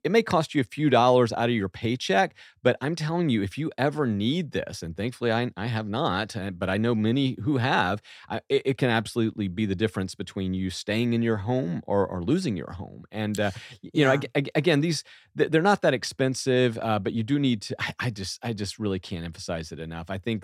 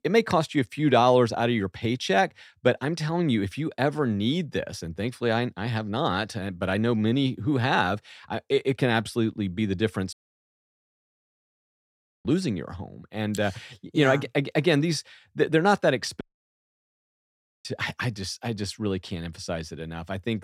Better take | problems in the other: first | audio cutting out; at 10 s for 2 s and at 16 s for 1.5 s

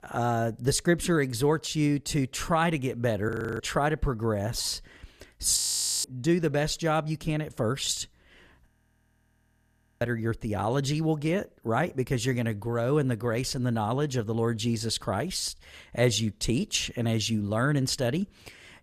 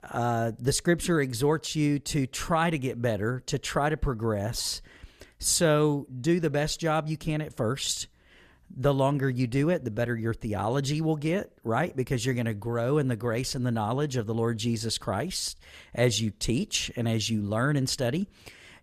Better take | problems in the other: second | audio freezing; at 3.5 s, at 5.5 s and at 8.5 s for 1.5 s

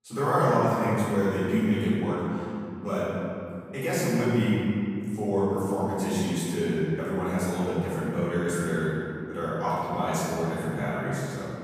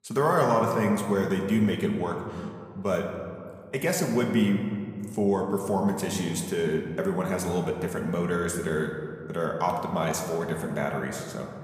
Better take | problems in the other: second | room echo; strong; dies away in 2.4 s; slight in the second // off-mic speech; far

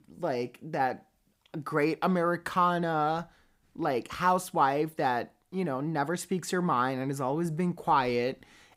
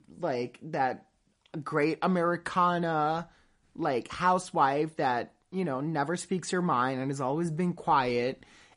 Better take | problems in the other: first | garbled, watery; slightly; nothing above 10.5 kHz

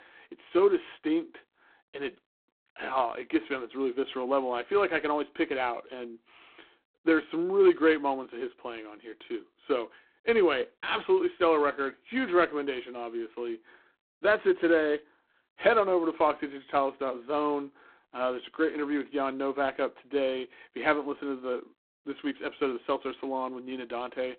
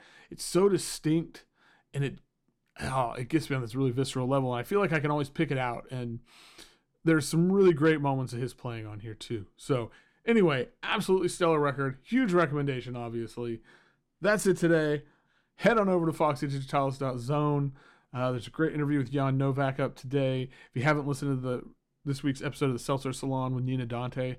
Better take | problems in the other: second | phone-call audio; poor line; nothing above 3.5 kHz

